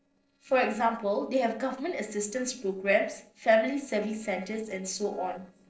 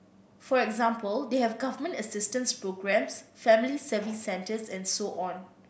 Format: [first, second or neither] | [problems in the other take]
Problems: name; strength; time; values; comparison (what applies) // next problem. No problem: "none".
second | noise reduction (neural separator model SepFormer DNS4)